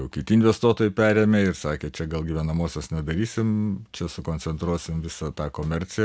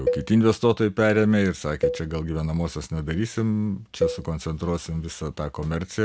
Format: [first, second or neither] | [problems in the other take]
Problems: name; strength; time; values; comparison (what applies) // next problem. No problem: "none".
first | background sound (Cowbell); 8 dB below the speech